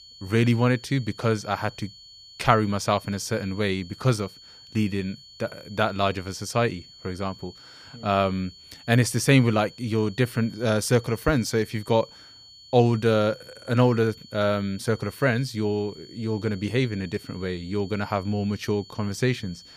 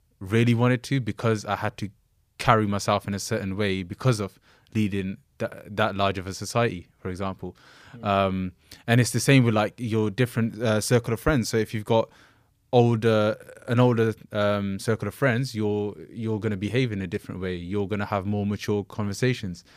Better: second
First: high-pitched whine; faint; throughout; 4.5 kHz, 20 dB below the speech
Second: none

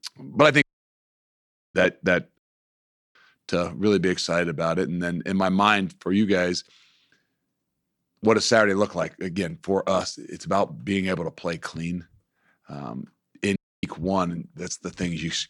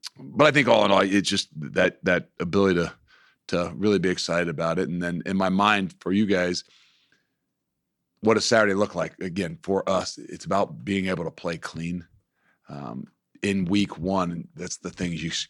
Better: second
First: audio cutting out; at 0.5 s for 1 s, at 2.5 s for 1 s and at 14 s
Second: none

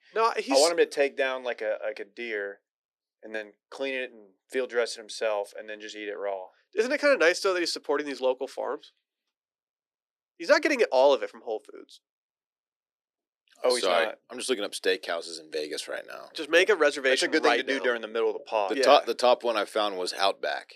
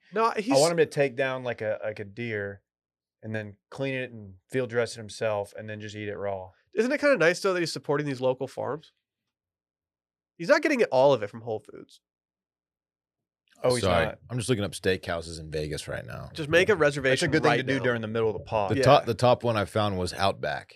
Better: second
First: thin; somewhat; fading below 300 Hz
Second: none

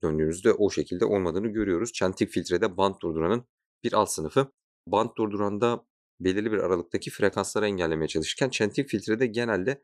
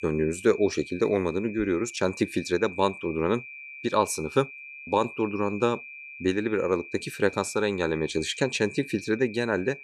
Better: first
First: none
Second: high-pitched whine; noticeable; throughout; 2.5 kHz, 15 dB below the speech

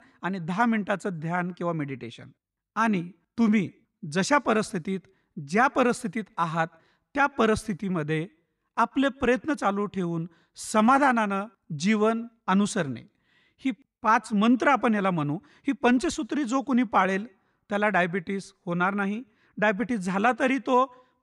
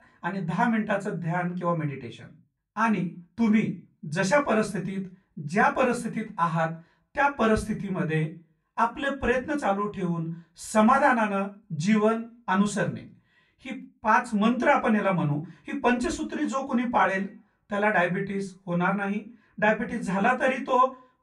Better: first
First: none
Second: off-mic speech; far // room echo; very slight; dies away in 0.2 s

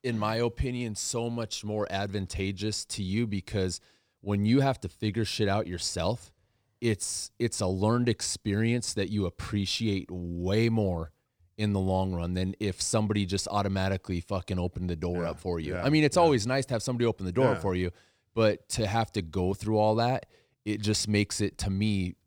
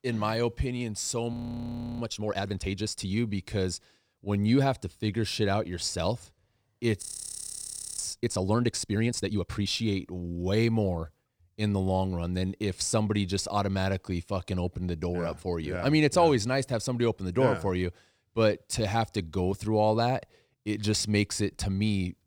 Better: first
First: none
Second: audio freezing; at 1.5 s for 0.5 s and at 7 s for 1 s

